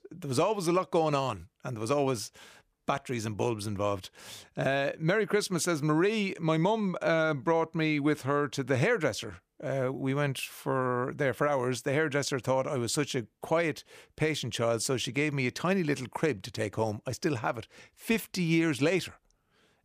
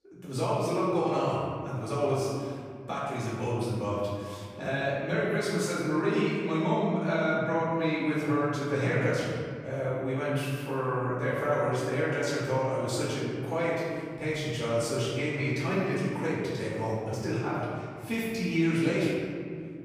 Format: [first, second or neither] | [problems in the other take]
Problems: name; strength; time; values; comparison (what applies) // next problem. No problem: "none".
first | off-mic speech; far // room echo; strong; dies away in 2.2 s